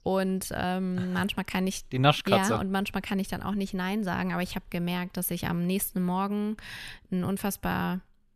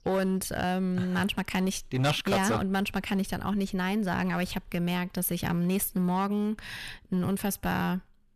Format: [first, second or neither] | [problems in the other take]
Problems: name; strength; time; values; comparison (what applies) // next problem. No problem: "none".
first | distortion; slight; 6% of the sound clipped